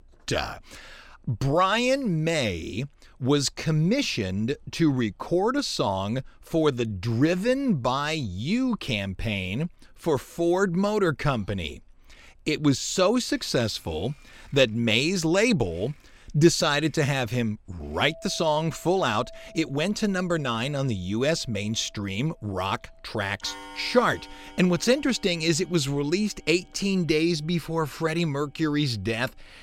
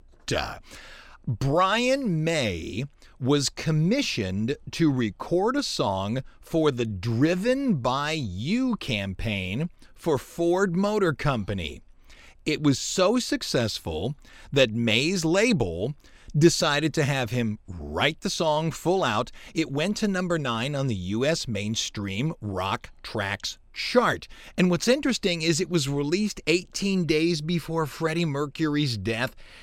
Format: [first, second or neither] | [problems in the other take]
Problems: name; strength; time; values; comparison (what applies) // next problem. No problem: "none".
second | household noises; faint; from 13 s on; 25 dB below the speech